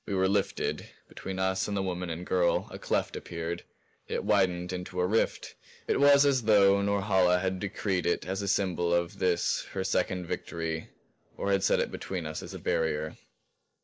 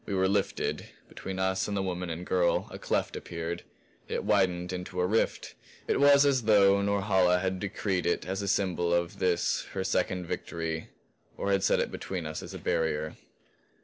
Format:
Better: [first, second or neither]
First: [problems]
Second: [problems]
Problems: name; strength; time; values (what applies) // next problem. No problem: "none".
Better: second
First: noise reduction (neural mask model Resemble Enhance denoiser)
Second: none